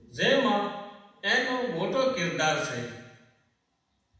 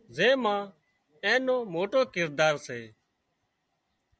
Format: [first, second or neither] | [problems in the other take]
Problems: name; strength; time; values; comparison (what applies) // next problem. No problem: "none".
second | room echo; dies away in 1.1 s